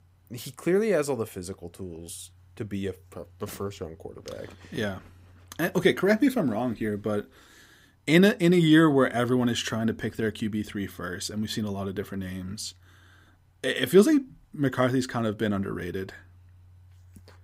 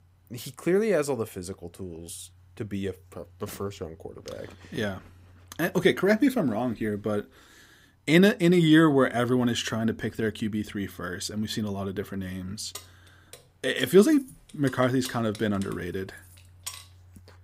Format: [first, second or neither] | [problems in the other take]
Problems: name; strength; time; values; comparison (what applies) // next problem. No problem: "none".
first | jangling keys; faint; from 13 to 17 s; peak 15 dB below the speech